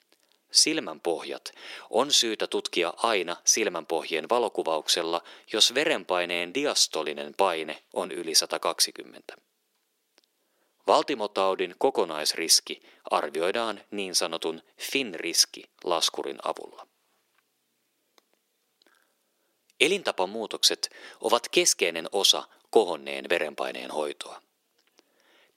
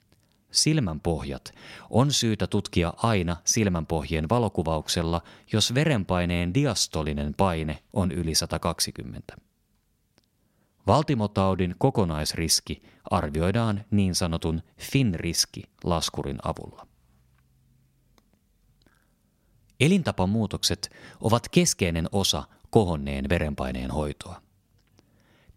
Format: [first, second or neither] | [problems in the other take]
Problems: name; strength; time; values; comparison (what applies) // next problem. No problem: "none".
second | thin; very; fading below 350 Hz